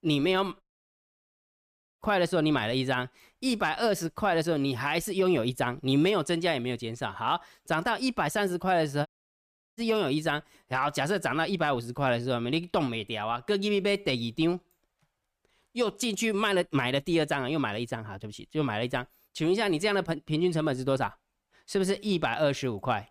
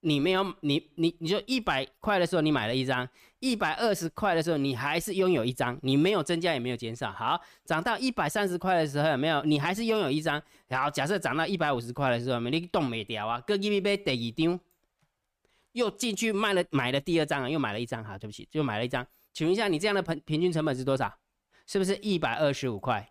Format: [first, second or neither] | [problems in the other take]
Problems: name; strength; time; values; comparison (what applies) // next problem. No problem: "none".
second | audio cutting out; at 0.5 s for 1.5 s and at 9 s for 0.5 s